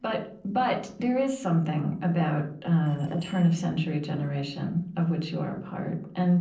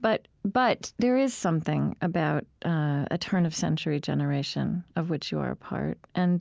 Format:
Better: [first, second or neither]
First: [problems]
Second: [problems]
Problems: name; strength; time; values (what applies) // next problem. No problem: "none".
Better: second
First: noise reduction (neural separator model SepFormer DNS4)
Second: none